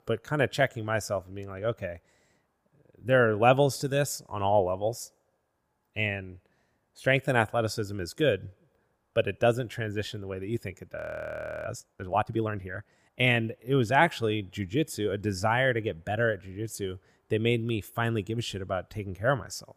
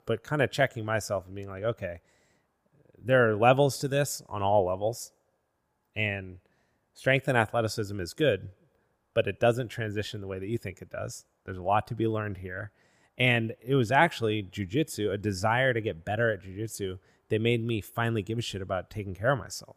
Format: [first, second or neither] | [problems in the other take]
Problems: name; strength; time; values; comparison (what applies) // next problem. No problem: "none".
second | audio freezing; at 11 s for 0.5 s